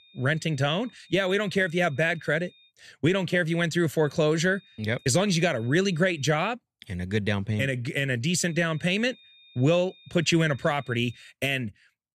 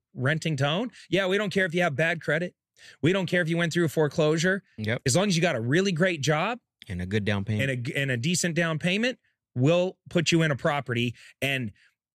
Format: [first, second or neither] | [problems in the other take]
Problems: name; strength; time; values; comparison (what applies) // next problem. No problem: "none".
second | high-pitched whine; faint; until 2.5 s, from 4 to 6.5 s and from 8.5 to 11 s; 3.5 kHz, 30 dB below the speech